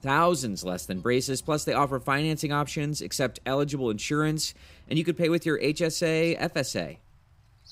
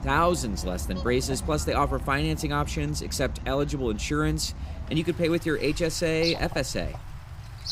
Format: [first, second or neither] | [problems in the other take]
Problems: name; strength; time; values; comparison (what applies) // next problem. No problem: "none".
first | animal sounds; loud; throughout; 9 dB below the speech; faint in the first